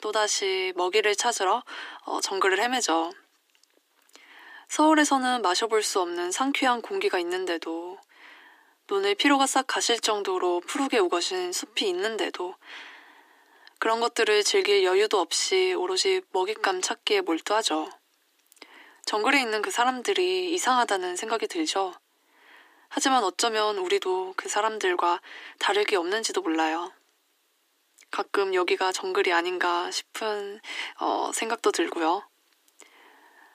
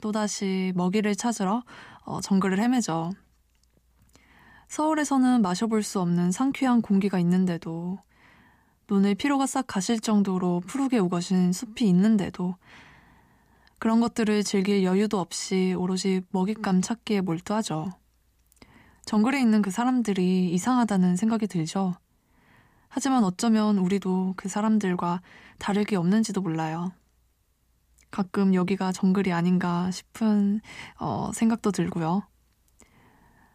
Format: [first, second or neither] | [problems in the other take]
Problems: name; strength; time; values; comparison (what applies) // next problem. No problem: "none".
second | thin; very; fading below 300 Hz